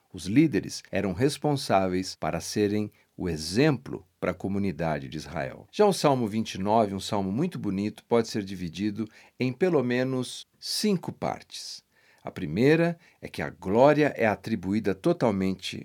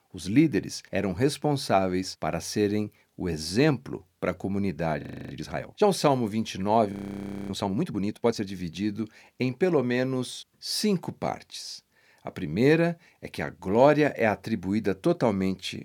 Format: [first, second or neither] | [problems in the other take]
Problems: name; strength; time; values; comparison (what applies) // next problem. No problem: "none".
first | audio freezing; at 5 s and at 7 s for 0.5 s